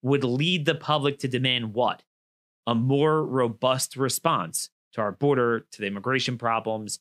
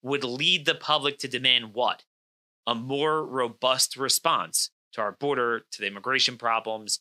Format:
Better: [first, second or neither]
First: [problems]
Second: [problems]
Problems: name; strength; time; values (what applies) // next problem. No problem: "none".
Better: first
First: none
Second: thin; somewhat; fading below 750 Hz